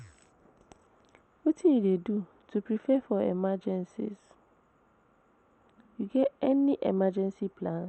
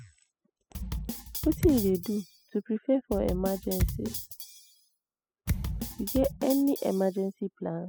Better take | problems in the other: first | noise reduction (classical method spectral subtraction)

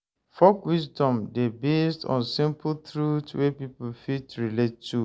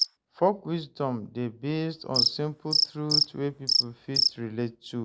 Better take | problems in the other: first | background sound (Cricket); 1 dB above the speech

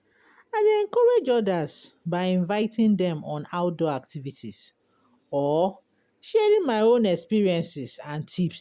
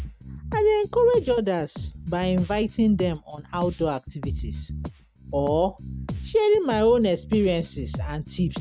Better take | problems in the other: first | noise reduction (neural mask model RNNoise)

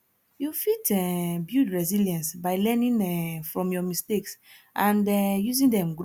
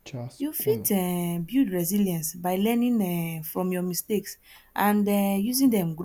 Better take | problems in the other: first | background sound (Clock); 19 dB below the speech

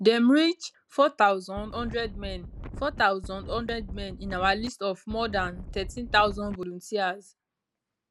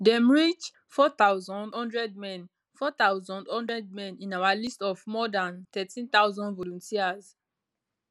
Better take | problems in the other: second | background sound (Wind); 11 dB below the speech

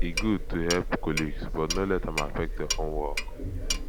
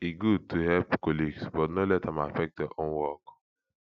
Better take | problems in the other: second | background sound (Clock); as loud as the speech

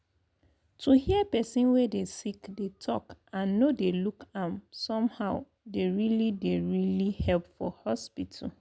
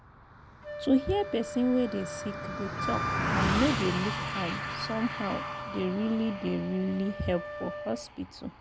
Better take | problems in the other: first | background sound (Wind instrument, woodwind instrument + Car passing by); 3 dB below the speech

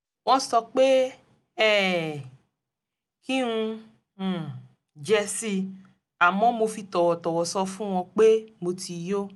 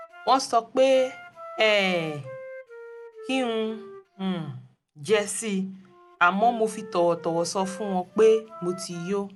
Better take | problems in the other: first | background sound (Wind instrument, woodwind instrument); 18 dB below the speech

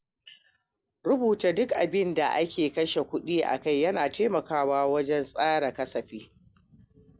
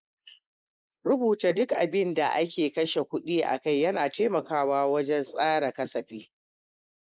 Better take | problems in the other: first | noise reduction (neural mask model Resemble Enhance denoiser)

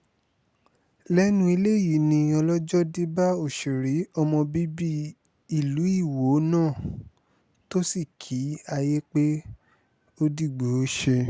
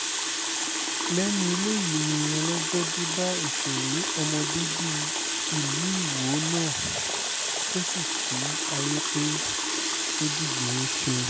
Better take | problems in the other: first | background sound (Water tap, faucet); 3 dB above the speech

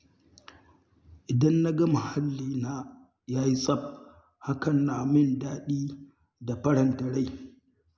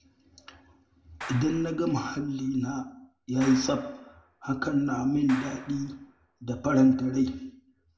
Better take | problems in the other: first | background sound (Clapping); 17 dB below the speech // room echo; dies away in 0.3 s

